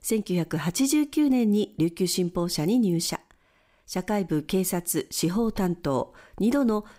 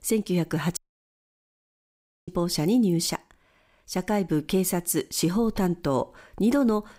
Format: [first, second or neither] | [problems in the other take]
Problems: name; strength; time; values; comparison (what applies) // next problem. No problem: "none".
first | audio cutting out; at 1 s for 1.5 s